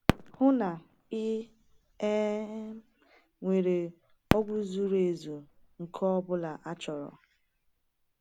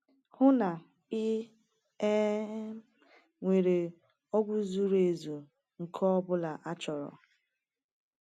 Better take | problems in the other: second | background sound (Fireworks); 6 dB below the speech

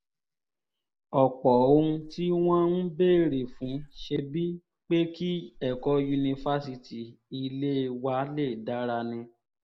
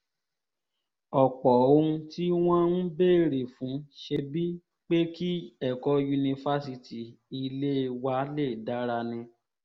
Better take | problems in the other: second | noise reduction (neural mask model Resemble Enhance denoiser)

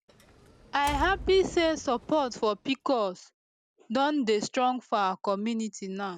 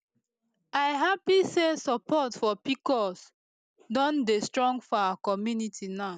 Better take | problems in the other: second | background sound (Door); 14 dB below the speech

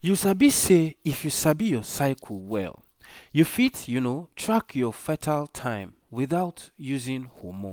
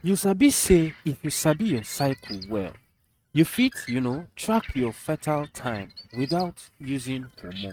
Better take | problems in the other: first | noise reduction (neural mask model RNNoise)

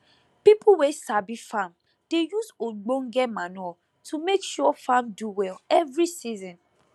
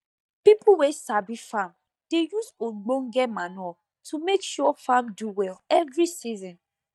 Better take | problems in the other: first | noise reduction (neural mask model DeepFilterNet 3)

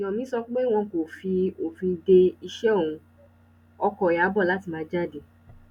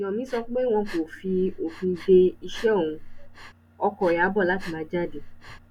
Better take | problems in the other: first | background sound (Breathing); 13 dB below the speech

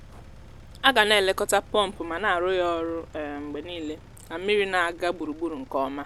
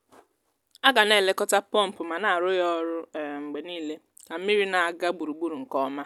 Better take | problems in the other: second | background sound (Engine); 19 dB below the speech

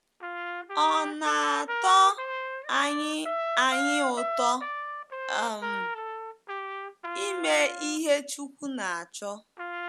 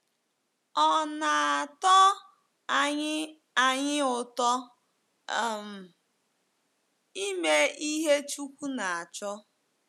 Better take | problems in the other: second | background sound (Trumpet); 6 dB below the speech

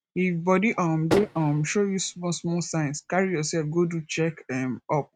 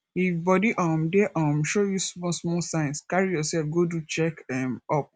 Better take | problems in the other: second | noise reduction (neural mask model RNNoise)

